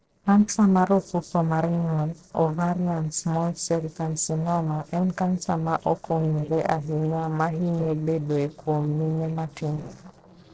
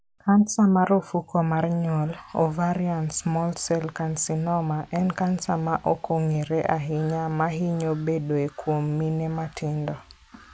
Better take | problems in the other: second | noise reduction (neural separator model SepFormer DNS4)

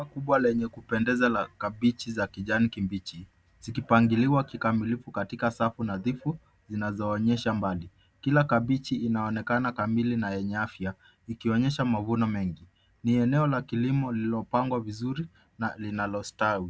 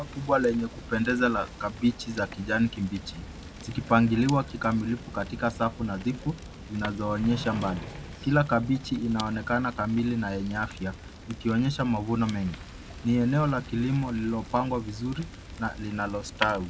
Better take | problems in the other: first | background sound (Sliding door + Fire); 13 dB below the speech

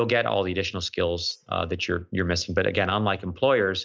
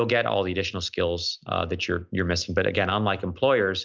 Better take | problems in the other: second | noise reduction (neural mask model DeepFilterNet 3)

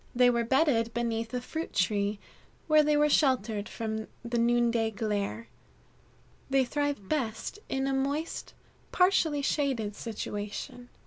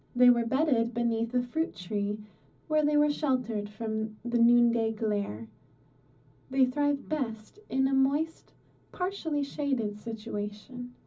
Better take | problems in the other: first | room echo; dies away in 0.4 s

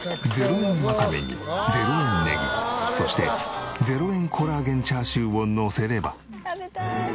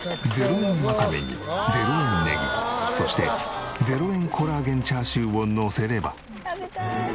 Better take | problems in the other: first | background sound (Dog + Rattle); 20 dB below the speech

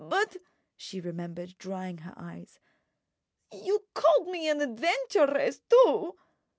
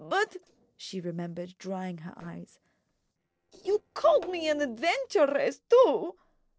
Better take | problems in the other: first | noise reduction (neural separator model SepFormer DNS4)

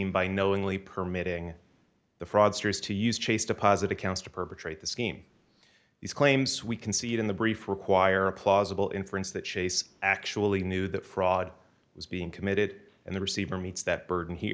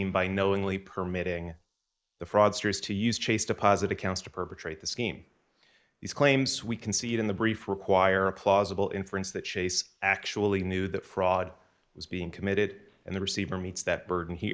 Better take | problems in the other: first | noise reduction (neural mask model Resemble Enhance denoiser)

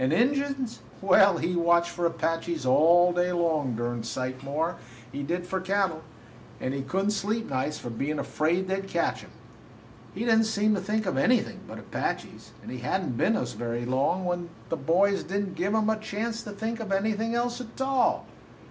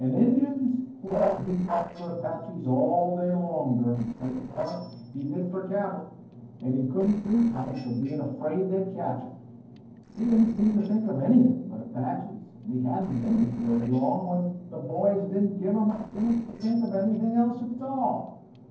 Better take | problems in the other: first | noise reduction (neural separator model SepFormer DNS4)

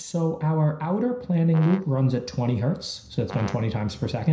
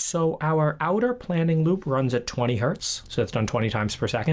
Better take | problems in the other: second | background sound (Brass instrument); 17 dB below the speech // room echo; dies away in 0.5 s

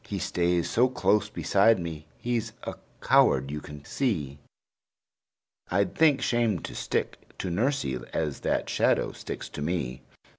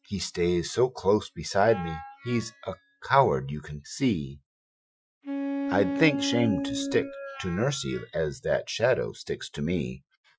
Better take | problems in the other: first | noise reduction (classical method Wiener filter)

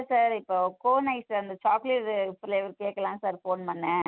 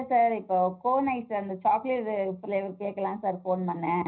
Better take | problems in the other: first | room echo; dies away in 0.5 s

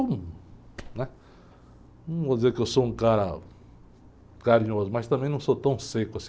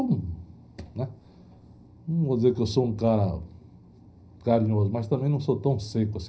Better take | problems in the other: first | room echo; dies away in 0.4 s

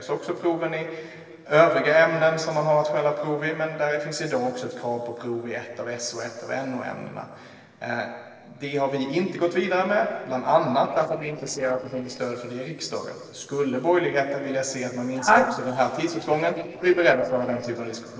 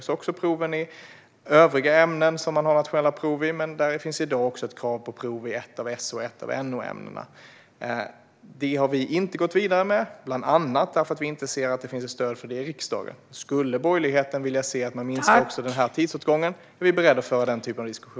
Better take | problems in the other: second | noise reduction (neural separator model SepFormer DNS4)

